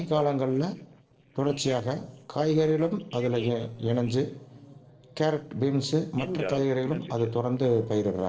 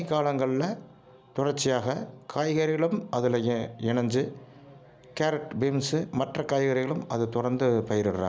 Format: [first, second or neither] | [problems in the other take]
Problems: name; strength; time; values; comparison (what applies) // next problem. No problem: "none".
second | noise reduction (neural separator model SepFormer DNS4)